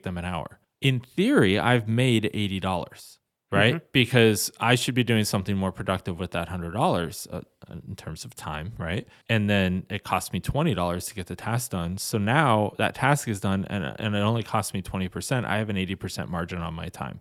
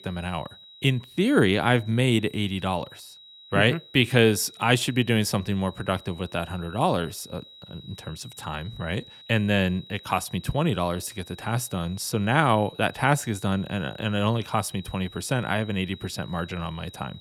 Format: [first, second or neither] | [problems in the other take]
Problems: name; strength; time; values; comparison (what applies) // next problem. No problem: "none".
first | high-pitched whine; faint; throughout; 4 kHz, 20 dB below the speech